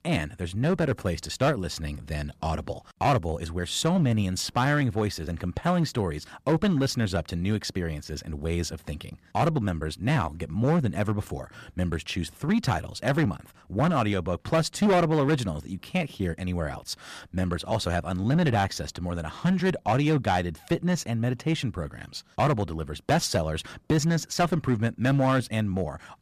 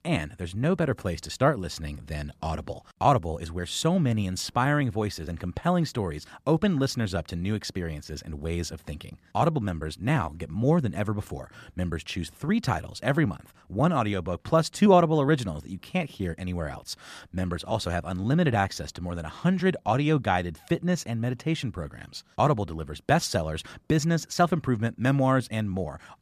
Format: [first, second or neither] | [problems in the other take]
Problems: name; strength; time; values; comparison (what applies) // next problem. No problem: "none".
second | distortion; slight; 5% of the sound clipped